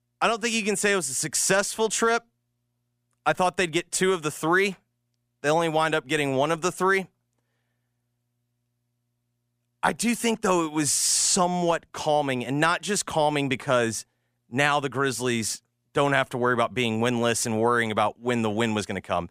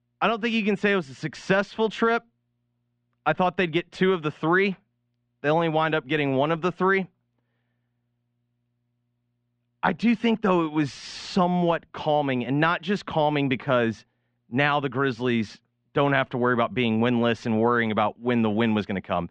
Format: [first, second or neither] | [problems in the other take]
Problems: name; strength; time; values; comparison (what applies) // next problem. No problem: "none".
first | muffled; very; fading above 3.5 kHz